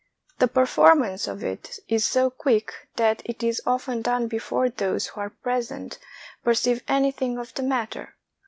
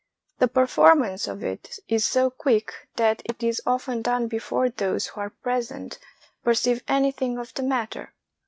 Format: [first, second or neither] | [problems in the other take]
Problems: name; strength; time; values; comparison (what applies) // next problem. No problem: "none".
first | noise reduction (neural mask model RNNoise)